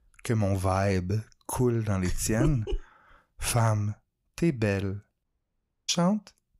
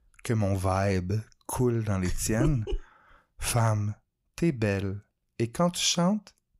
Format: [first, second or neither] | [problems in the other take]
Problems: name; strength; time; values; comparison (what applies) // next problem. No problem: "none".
second | audio cutting out; at 5 s for 0.5 s